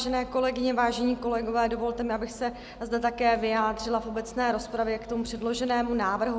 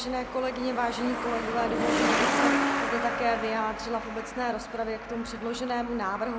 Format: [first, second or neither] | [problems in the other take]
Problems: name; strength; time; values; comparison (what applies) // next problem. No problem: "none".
first | background sound (Truck); as loud as the speech